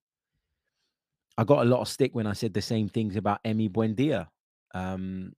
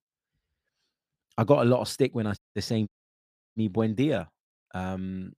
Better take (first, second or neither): first